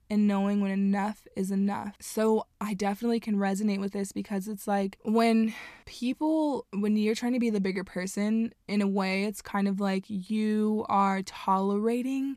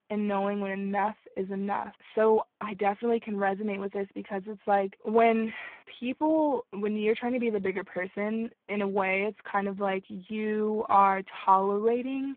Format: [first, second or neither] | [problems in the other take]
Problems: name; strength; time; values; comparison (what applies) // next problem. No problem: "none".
first | phone-call audio; poor line